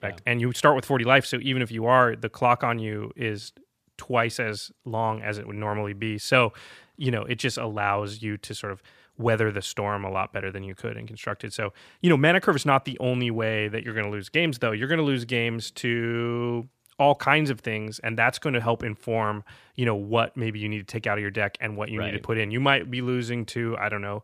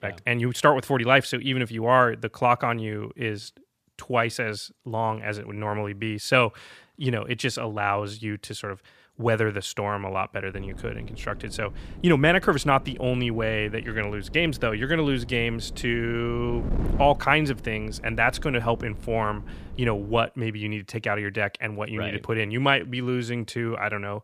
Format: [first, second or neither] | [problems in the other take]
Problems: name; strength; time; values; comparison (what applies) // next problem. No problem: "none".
first | wind noise on the microphone; occasional gusts; from 11 to 20 s; 20 dB below the speech